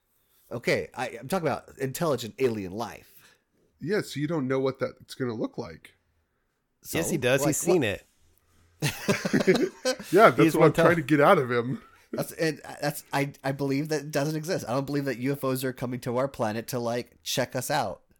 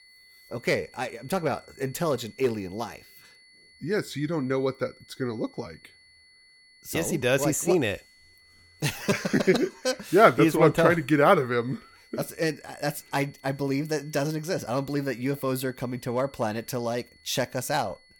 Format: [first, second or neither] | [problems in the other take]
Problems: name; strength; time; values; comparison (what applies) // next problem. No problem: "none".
first | high-pitched whine; faint; throughout; 2 kHz, 30 dB below the speech